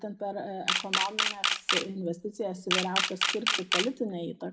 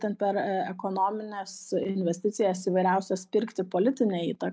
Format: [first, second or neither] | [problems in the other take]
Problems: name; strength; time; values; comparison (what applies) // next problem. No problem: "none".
second | background sound (Camera); 3 dB above the speech // room echo; dies away in 0.5 s